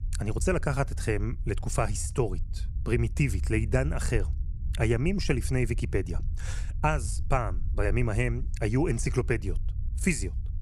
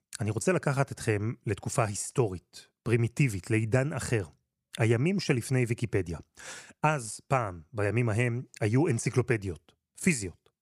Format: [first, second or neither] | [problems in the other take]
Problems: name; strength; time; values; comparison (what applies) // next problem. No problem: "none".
second | low rumble; faint; throughout; 20 dB below the speech